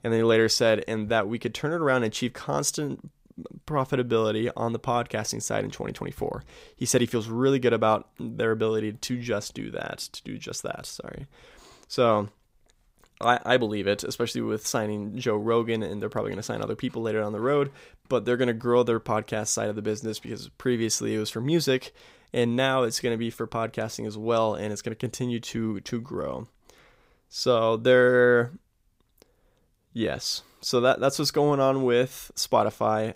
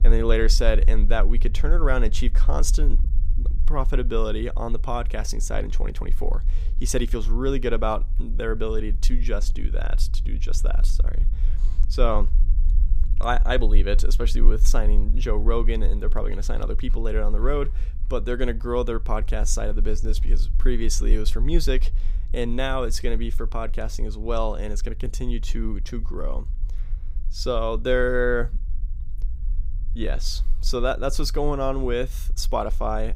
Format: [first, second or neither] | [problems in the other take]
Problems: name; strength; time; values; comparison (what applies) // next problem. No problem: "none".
first | low rumble; faint; throughout; 20 dB below the speech